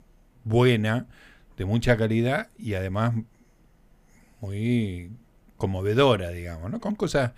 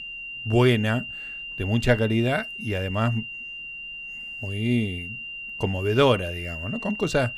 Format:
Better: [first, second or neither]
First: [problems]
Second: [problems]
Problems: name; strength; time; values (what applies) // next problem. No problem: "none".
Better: first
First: none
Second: high-pitched whine; loud; throughout; 3 kHz, 9 dB below the speech